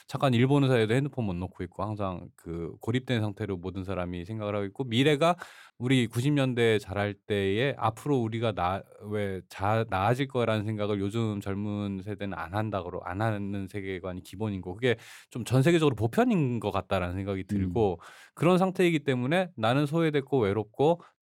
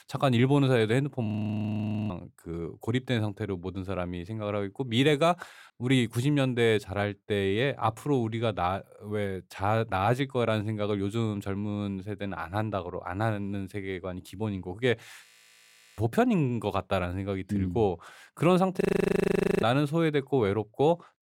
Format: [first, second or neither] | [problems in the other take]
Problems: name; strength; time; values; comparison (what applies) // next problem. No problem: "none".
first | audio freezing; at 1.5 s for 1 s, at 15 s for 0.5 s and at 19 s for 1 s